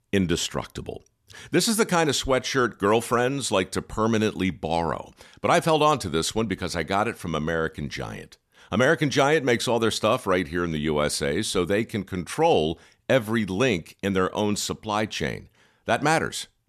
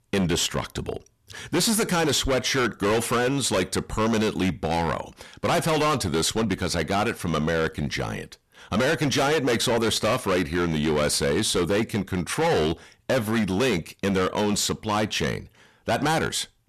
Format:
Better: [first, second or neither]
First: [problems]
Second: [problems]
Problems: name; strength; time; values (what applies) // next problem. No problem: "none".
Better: first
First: none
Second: distortion; heavy; 19% of the sound clipped